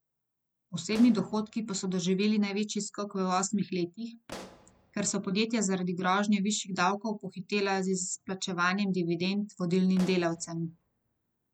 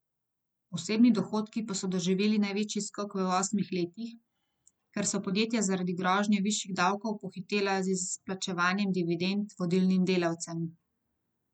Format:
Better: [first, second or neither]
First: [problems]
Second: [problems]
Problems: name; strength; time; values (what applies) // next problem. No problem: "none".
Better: second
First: background sound (Explosion); 20 dB below the speech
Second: none